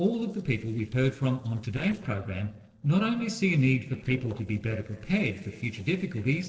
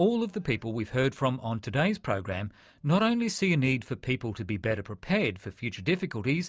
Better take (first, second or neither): second